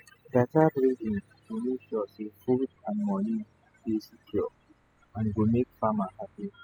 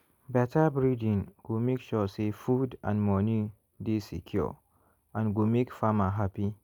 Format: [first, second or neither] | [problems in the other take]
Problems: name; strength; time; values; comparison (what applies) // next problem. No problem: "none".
second | noise reduction (classical method spectral subtraction)